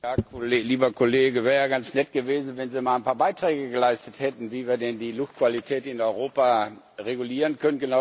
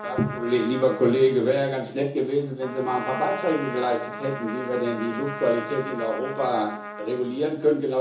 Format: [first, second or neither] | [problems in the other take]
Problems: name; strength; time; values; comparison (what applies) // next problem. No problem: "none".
first | background sound (Trumpet); 11 dB below the speech // room echo; dies away in 0.7 s